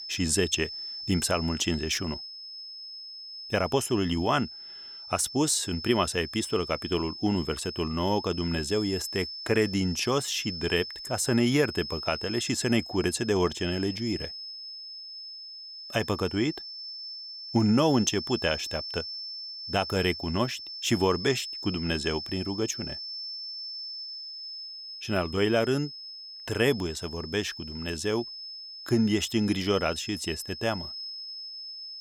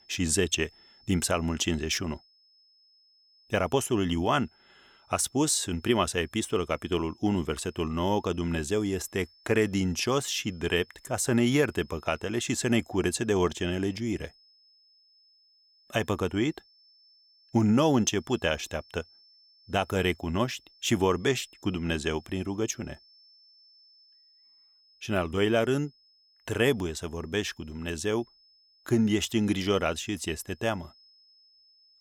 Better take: second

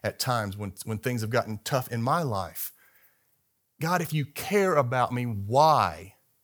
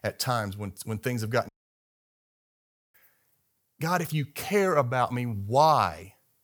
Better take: first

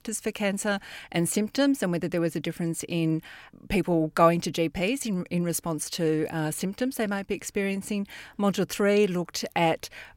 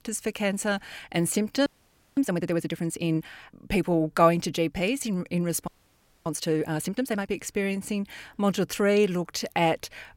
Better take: first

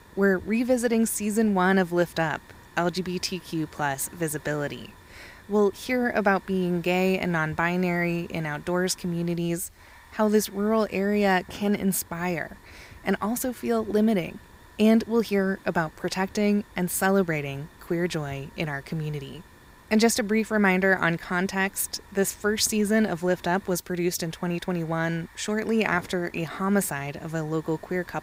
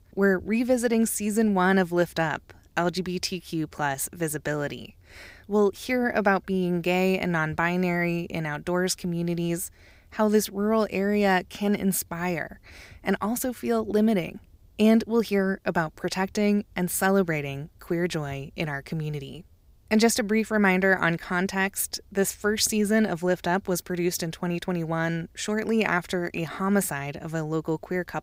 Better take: second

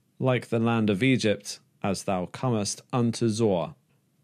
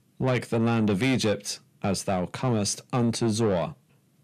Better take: first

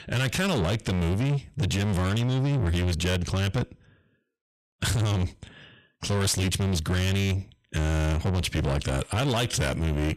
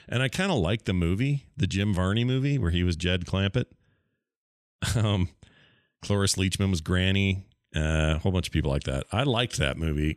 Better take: second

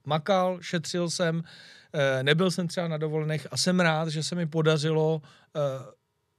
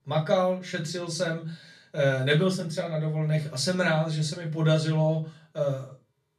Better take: first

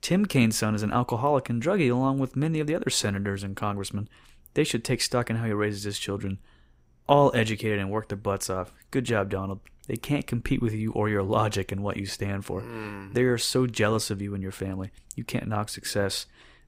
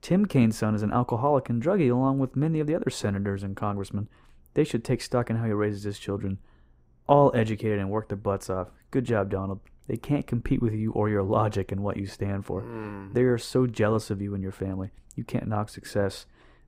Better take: first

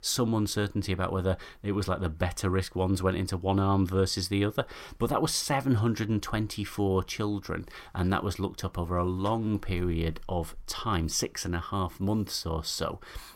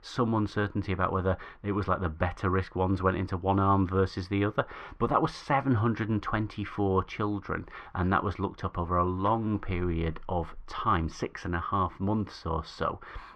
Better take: first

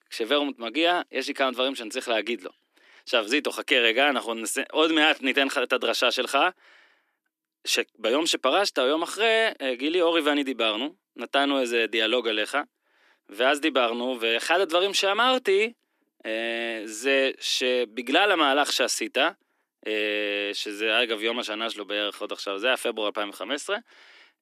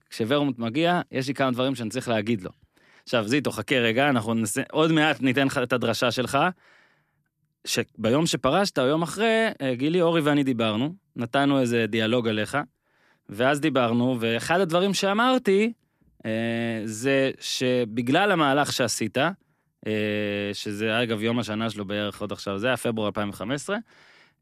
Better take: second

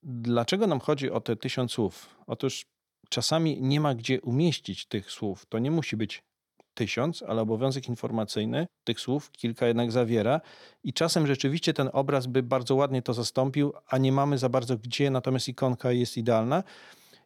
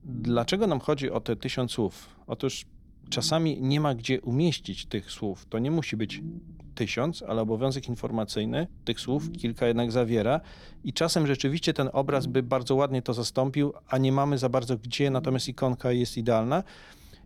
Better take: first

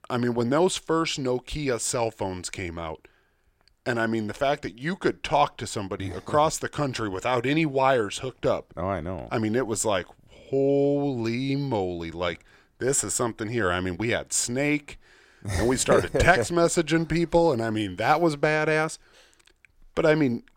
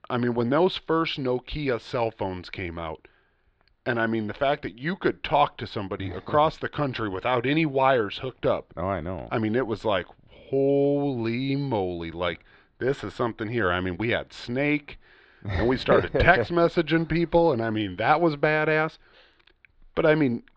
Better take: first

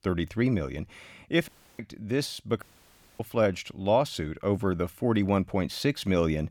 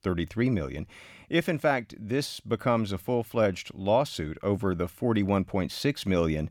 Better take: second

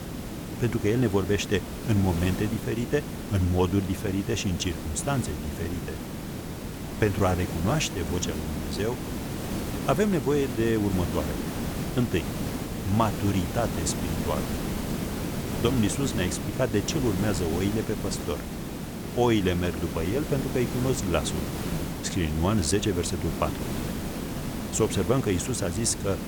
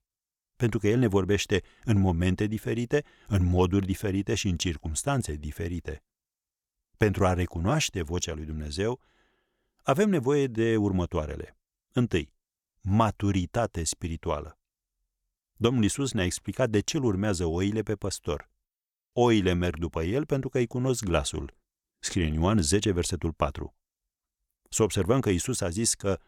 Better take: second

